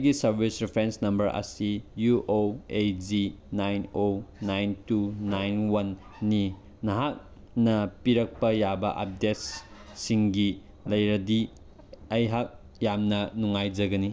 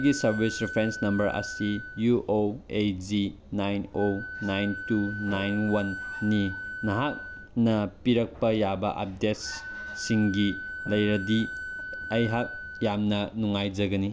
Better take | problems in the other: first | background sound (Wind instrument, woodwind instrument); 11 dB below the speech

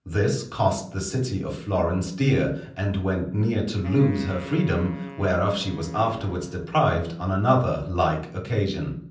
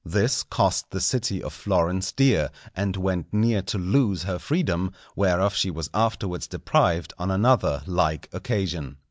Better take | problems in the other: second | background sound (Wind instrument, woodwind instrument); 17 dB below the speech // room echo; dies away in 0.6 s

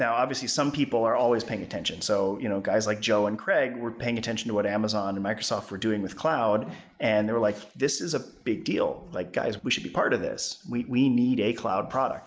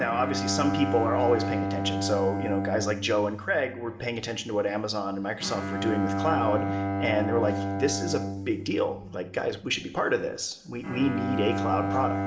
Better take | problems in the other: first | background sound (Bowed string instrument); 3 dB below the speech // room echo; dies away in 0.8 s

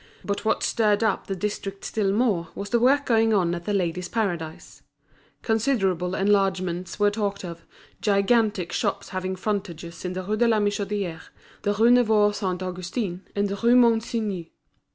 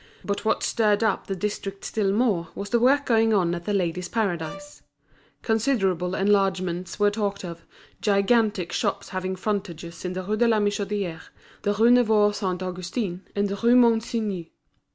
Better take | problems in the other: first | background sound (Brass instrument); 19 dB below the speech

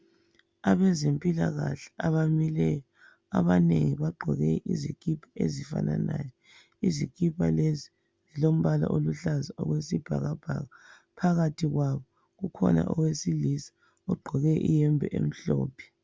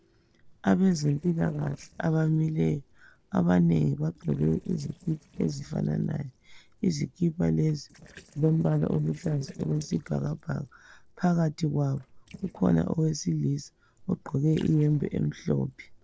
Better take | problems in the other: first | noise reduction (neural separator model SepFormer DNS4)

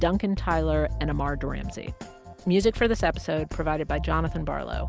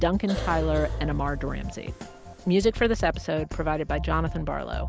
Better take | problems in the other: first | background sound (Cough); 15 dB below the speech

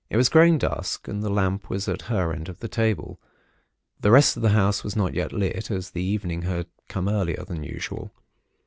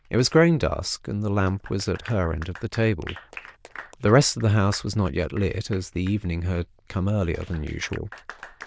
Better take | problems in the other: first | noise reduction (neural diffusion model UNIVERSE++)

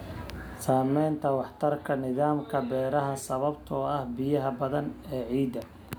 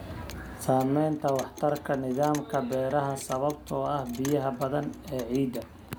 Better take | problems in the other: first | background sound (Clock); 19 dB below the speech

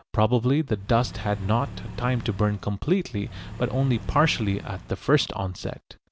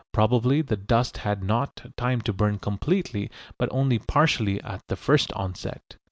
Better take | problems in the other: second | background sound (Accelerating, revving, vroom / Car); 13 dB below the speech

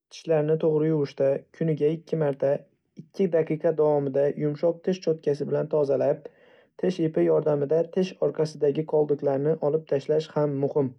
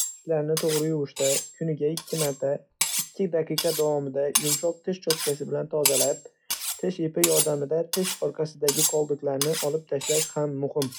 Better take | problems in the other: first | noise reduction (classical method log-MMSE)

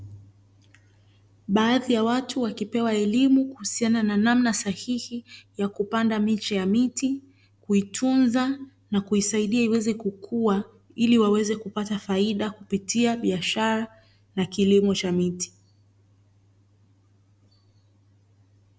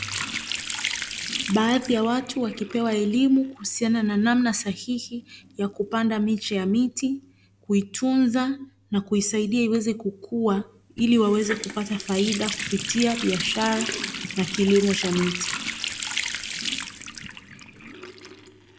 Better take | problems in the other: first | background sound (Water tap, faucet); 10 dB below the speech

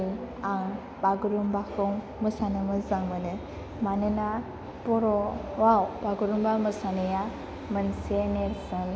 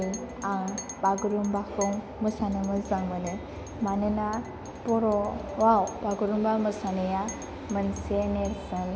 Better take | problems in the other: first | background sound (Chink, clink); 20 dB below the speech

